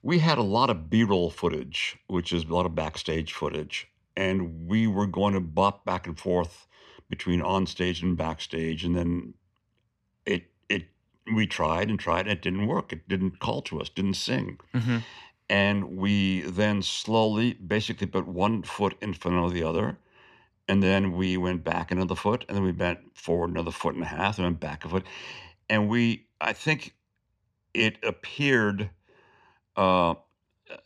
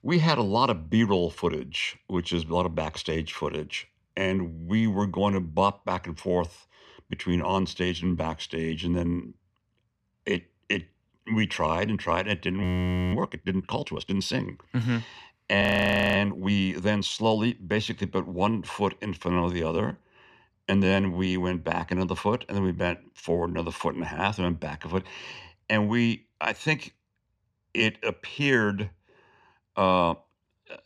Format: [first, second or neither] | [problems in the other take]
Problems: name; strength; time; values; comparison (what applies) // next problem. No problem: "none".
first | audio freezing; at 13 s and at 16 s for 0.5 s